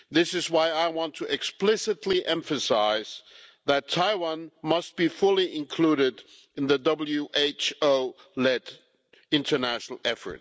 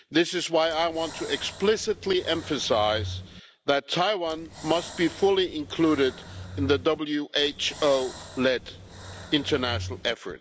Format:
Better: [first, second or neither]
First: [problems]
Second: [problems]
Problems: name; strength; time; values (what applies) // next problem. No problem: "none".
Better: first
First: none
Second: background sound (Breathing); 13 dB below the speech